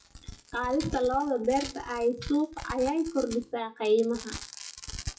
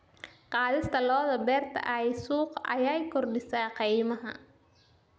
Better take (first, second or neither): second